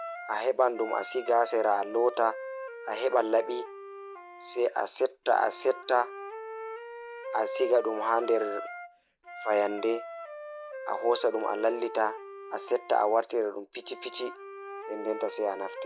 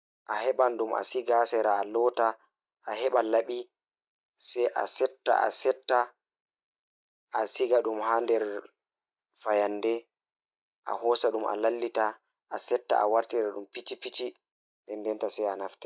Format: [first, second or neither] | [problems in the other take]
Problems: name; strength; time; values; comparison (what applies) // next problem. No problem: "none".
second | background sound (Wind instrument, woodwind instrument); 11 dB below the speech